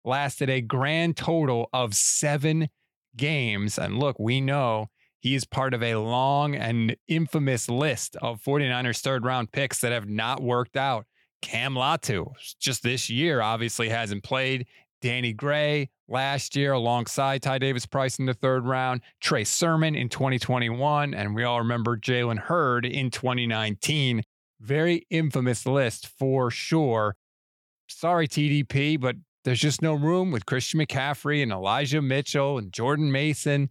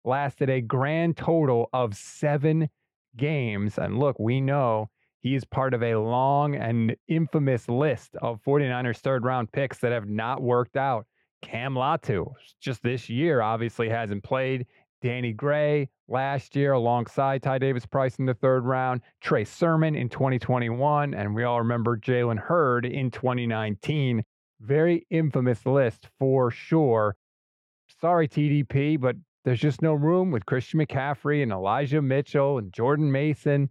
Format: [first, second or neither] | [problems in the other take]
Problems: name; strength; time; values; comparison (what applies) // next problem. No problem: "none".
first | muffled; very; fading above 3 kHz